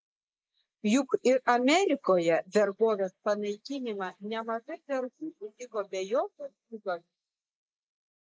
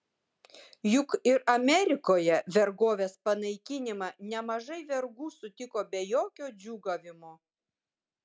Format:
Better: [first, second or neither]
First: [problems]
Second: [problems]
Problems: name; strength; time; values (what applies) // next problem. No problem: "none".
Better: second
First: noise reduction (neural mask model Resemble Enhance denoiser)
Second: none